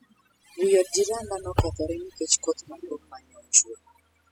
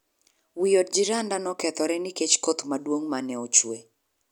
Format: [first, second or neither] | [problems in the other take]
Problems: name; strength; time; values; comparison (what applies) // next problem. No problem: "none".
second | noise reduction (classical method spectral subtraction)